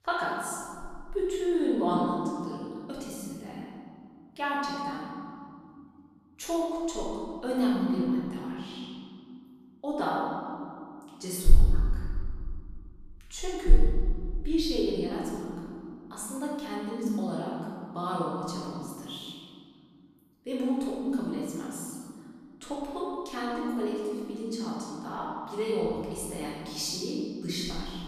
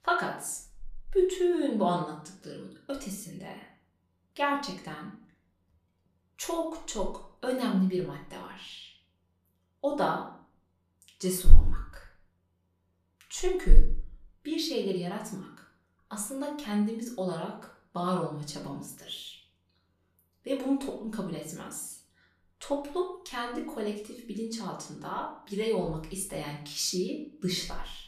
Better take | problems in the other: second | room echo; strong; dies away in 2.2 s; slight in the second // off-mic speech; far; far in the second

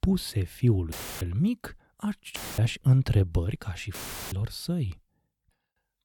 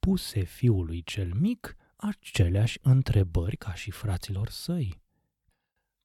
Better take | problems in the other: second | audio cutting out; filled with static; at 1 s, at 2.5 s and at 4 s

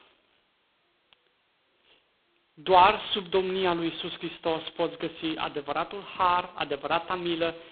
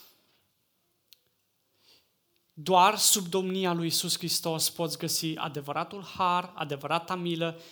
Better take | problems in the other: second | phone-call audio; poor line; nothing above 3.5 kHz

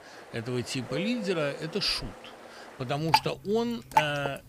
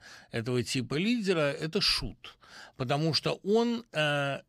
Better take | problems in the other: second | rain or running water; loud; throughout; 1 dB below the speech

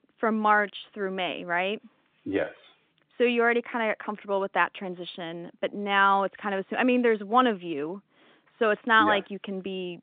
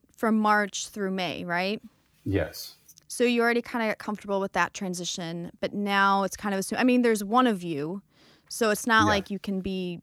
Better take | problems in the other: second | phone-call audio

